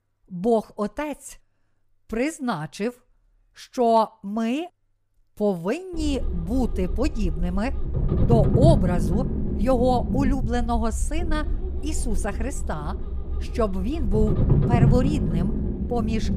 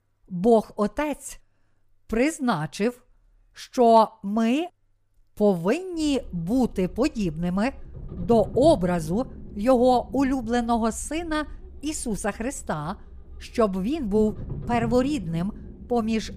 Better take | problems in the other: second | low rumble; loud; from 6 s on; 8 dB below the speech; faint in the second

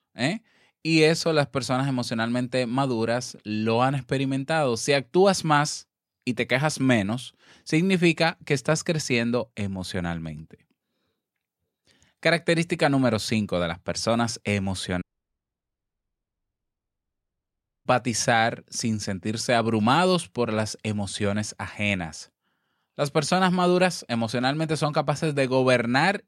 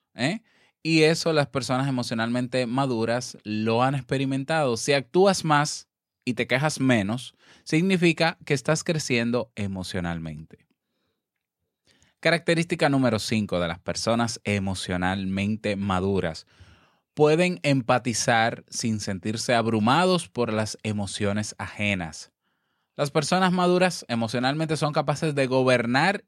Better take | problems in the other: second | audio cutting out; at 15 s for 3 s

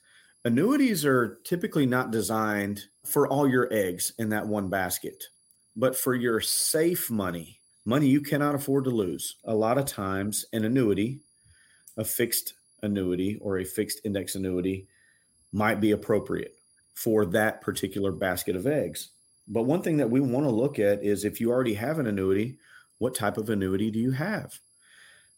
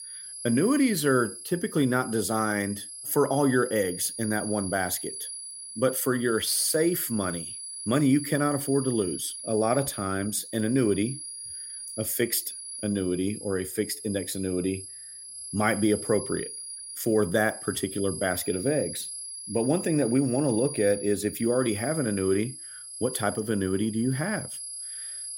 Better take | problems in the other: first | high-pitched whine; loud; throughout; 10.5 kHz, 9 dB below the speech; faint in the first

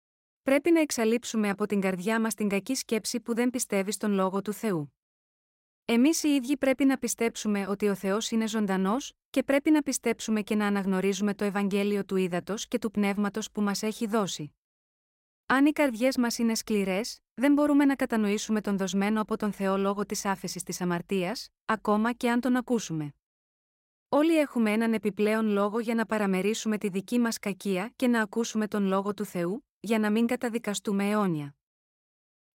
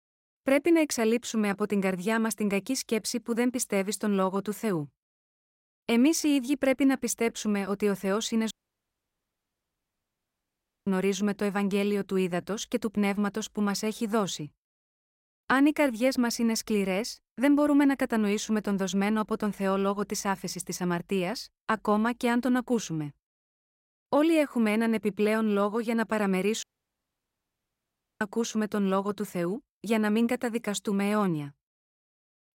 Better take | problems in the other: first | audio cutting out; at 8.5 s for 2.5 s and at 27 s for 1.5 s

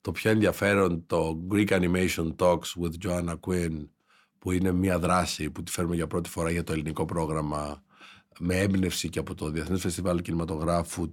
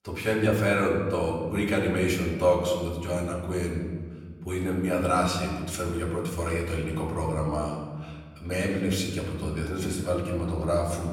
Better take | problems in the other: first | off-mic speech; far // room echo; noticeable; dies away in 1.4 s

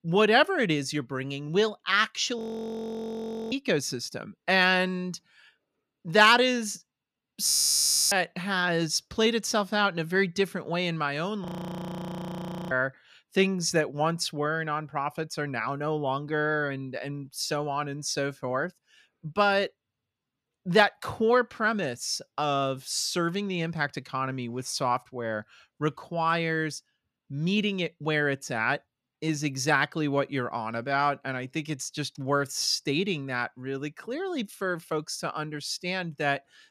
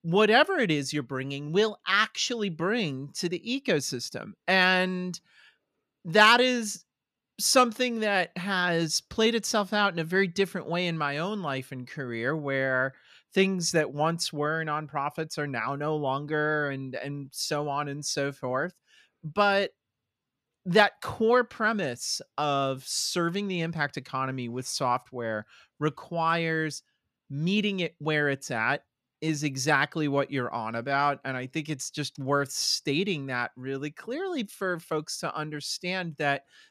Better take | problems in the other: second | audio freezing; at 2.5 s for 1 s, at 7.5 s for 0.5 s and at 11 s for 1.5 s

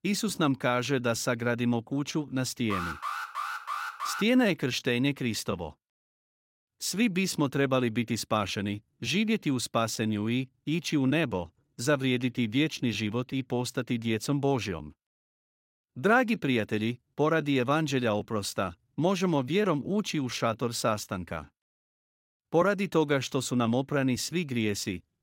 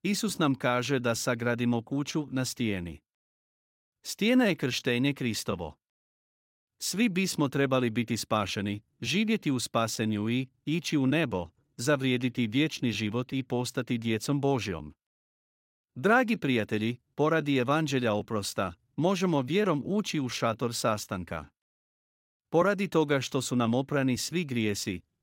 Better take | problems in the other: second | alarm; noticeable; from 2.5 to 4 s; peak 5 dB below the speech

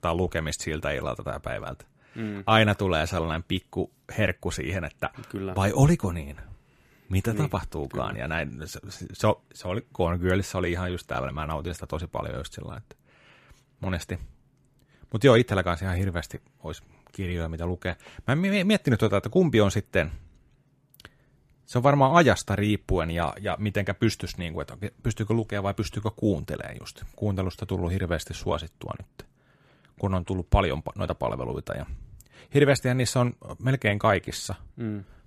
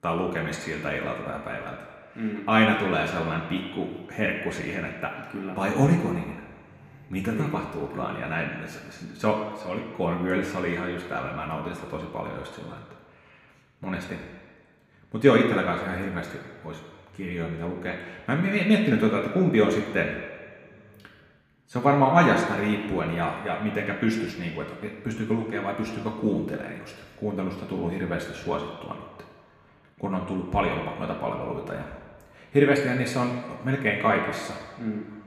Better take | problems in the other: first | room echo; noticeable; dies away in 1.6 s // off-mic speech; somewhat distant

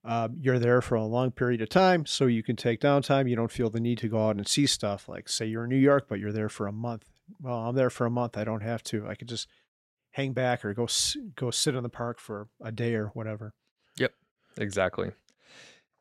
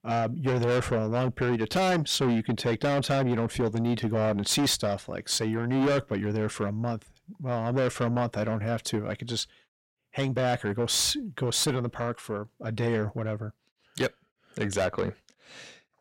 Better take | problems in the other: first | distortion; heavy; 6 dB below the speech

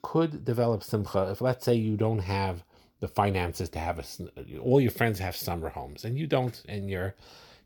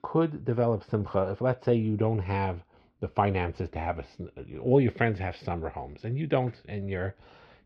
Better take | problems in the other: first | muffled; very; fading above 3 kHz

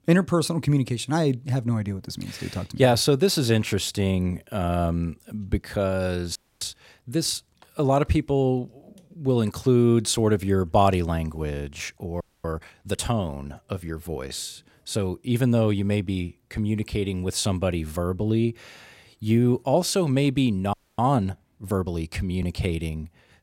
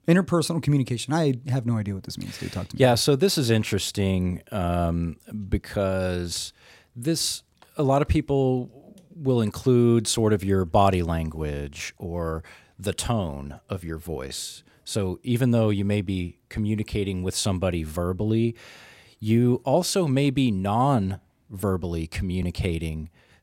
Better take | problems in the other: second | audio freezing; at 6.5 s, at 12 s and at 21 s

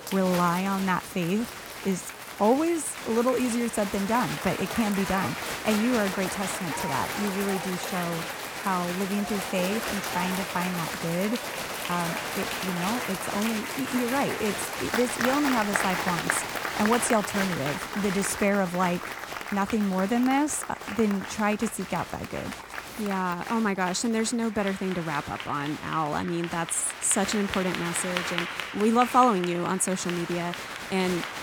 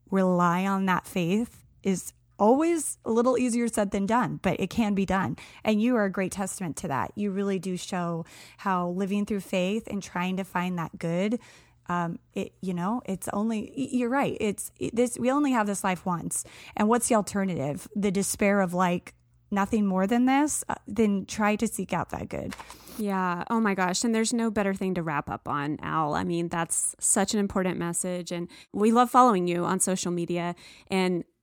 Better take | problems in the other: second | crowd noise; loud; throughout; 5 dB below the speech

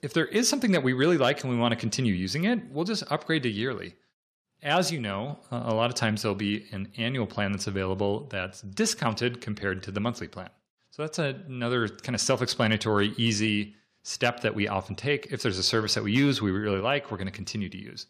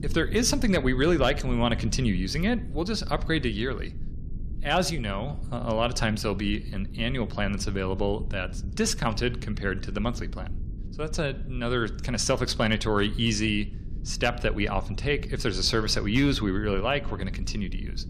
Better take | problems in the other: first | low rumble; faint; throughout; 20 dB below the speech

